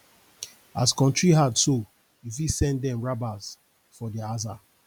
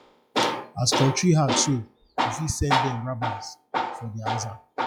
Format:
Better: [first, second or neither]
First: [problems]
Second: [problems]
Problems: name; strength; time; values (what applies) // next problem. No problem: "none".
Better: first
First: none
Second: noise reduction (classical method log-MMSE)